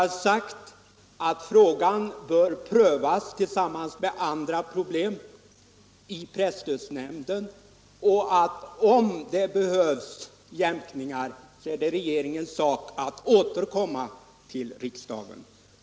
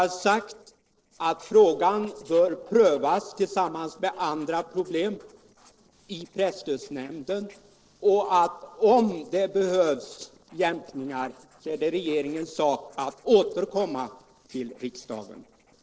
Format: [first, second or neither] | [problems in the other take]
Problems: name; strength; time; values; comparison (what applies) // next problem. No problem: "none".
first | noise reduction (neural separator model SepFormer DNS4)